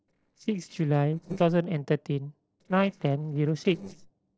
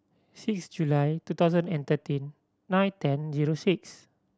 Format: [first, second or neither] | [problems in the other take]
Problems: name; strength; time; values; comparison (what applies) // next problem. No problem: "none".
second | noise reduction (neural separator model SepFormer DNS4)